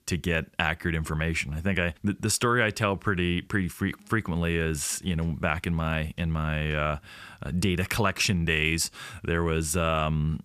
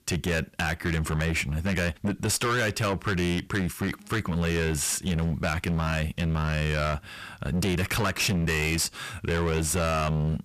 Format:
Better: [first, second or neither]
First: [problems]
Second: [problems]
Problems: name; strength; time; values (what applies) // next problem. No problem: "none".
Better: first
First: none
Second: distortion; heavy; 23% of the sound clipped